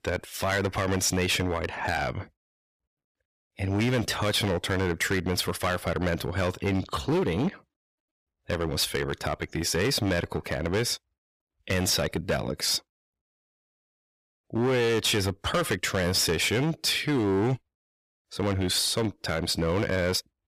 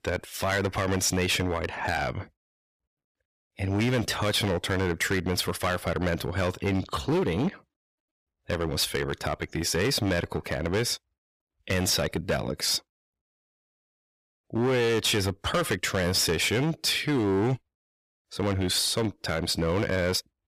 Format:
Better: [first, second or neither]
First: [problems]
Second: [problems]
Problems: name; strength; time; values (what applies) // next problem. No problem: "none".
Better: neither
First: distortion; heavy; 10% of the sound clipped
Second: distortion; heavy; 10% of the sound clipped